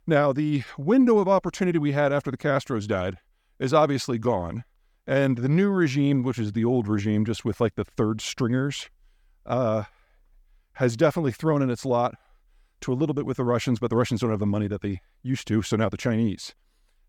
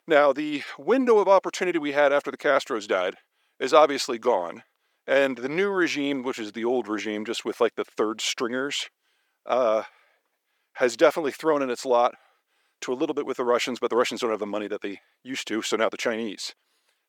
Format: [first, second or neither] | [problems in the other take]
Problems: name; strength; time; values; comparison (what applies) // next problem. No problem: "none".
first | thin; somewhat; fading below 350 Hz